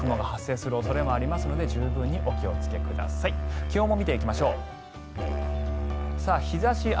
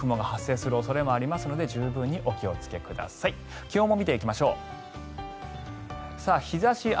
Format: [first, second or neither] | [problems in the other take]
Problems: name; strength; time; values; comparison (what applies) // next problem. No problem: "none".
second | background sound (Musical instrument); as loud as the speech